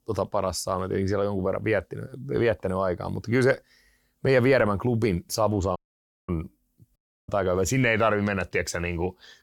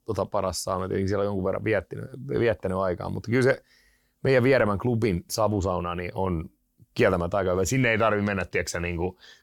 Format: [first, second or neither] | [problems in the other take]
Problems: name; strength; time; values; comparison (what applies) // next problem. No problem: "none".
second | audio cutting out; at 6 s for 0.5 s and at 7 s